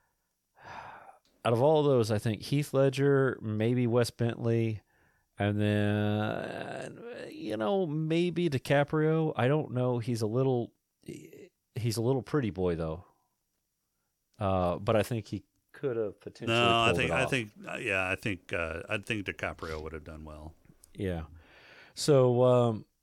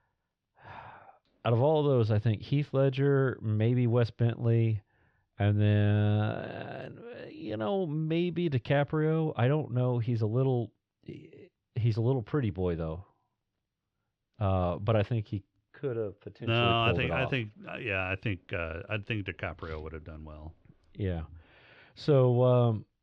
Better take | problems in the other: first | muffled; slightly; fading above 3.5 kHz

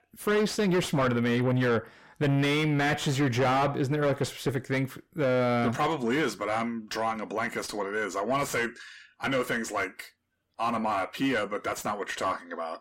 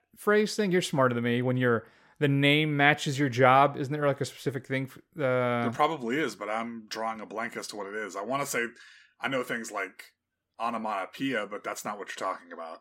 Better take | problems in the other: second | distortion; heavy; 6 dB below the speech

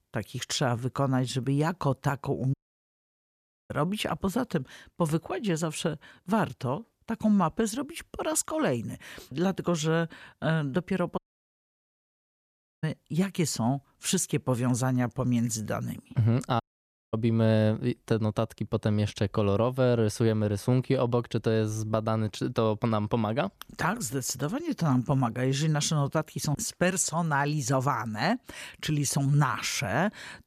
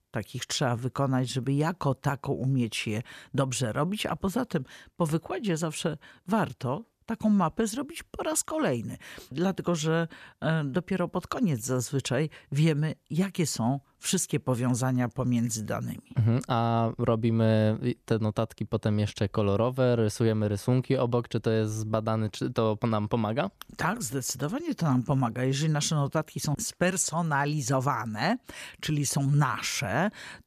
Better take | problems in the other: second | audio cutting out; at 2.5 s for 1 s, at 11 s for 1.5 s and at 17 s for 0.5 s

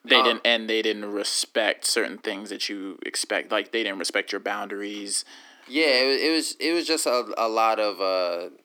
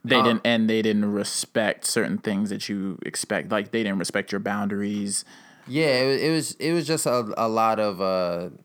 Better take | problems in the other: second | thin; somewhat; fading below 300 Hz

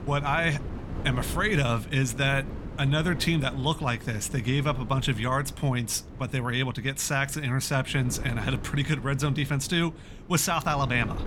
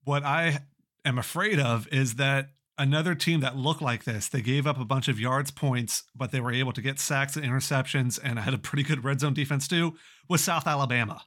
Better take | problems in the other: second | wind noise on the microphone; occasional gusts; 15 dB below the speech

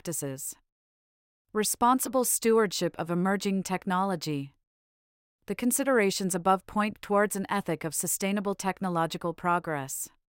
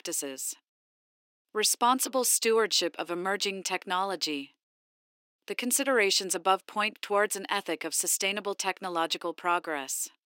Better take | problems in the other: first | thin; somewhat; fading below 300 Hz

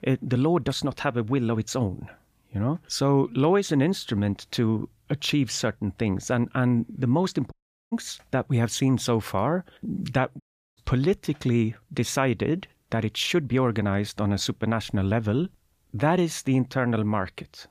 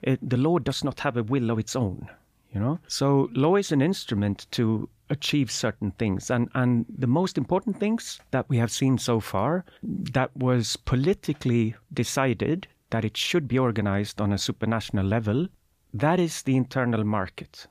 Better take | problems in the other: second | audio cutting out; at 7.5 s and at 10 s

